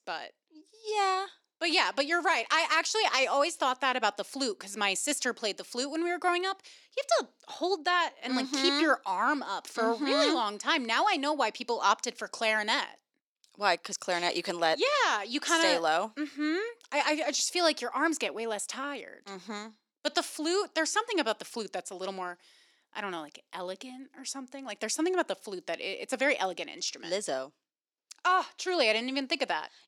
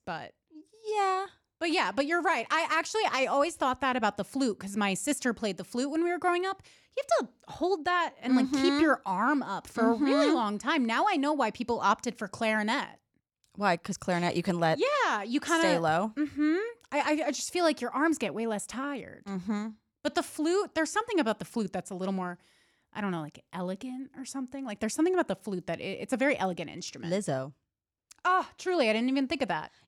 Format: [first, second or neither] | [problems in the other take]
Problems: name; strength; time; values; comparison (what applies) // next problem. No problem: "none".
second | thin; very slightly; fading below 300 Hz